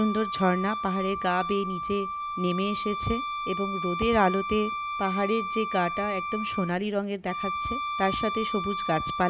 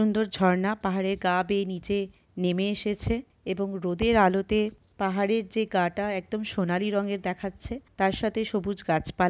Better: second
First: background sound (Wind instrument, woodwind instrument); 4 dB below the speech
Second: none

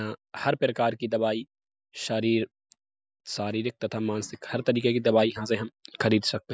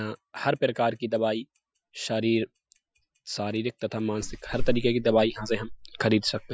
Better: first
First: none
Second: noise reduction (classical method Wiener filter)

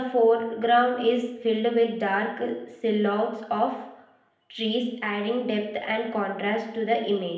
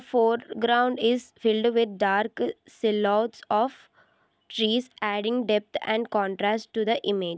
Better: second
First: room echo; dies away in 0.8 s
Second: none

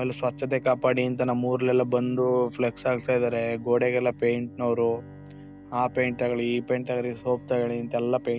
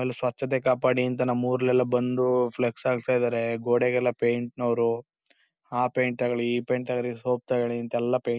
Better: second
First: background sound (Bowed string instrument); 18 dB below the speech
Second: none

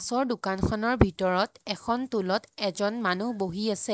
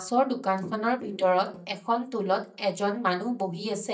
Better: first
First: none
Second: noise reduction (neural mask model DeepFilterNet 3)

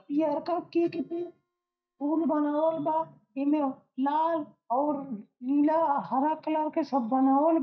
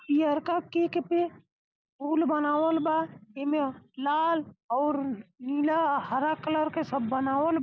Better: second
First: noise reduction (neural mask model DeepFilterNet 3)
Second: none

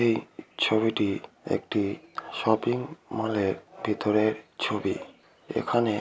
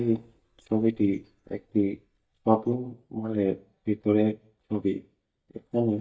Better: first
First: none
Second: noise reduction (neural mask model DeepFilterNet 3)

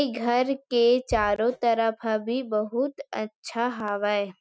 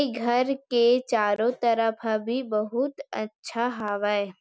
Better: second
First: noise reduction (neural mask model RNNoise)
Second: none

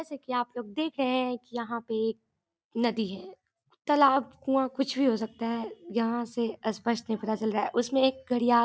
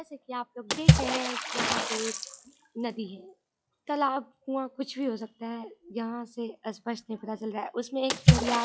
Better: first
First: none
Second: noise reduction (classical method log-MMSE)

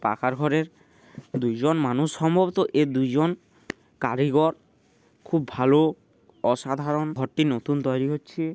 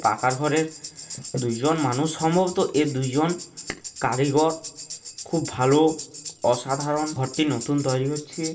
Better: first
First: none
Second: background sound (Tambourine); 14 dB below the speech // room echo; dies away in 0.4 s

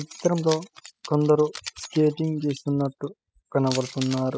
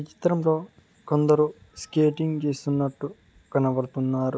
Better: second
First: noise reduction (classical method spectral subtraction)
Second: none

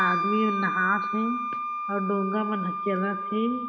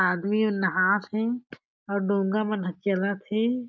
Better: second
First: background sound (Wind instrument, woodwind instrument); 2 dB below the speech // room echo; dies away in 1.3 s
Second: none

